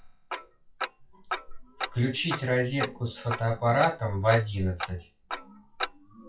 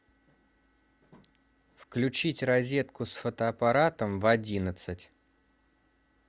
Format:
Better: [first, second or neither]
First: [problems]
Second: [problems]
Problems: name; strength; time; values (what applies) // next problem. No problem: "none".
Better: second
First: noise reduction (classical method WPE with log-MMSE)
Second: none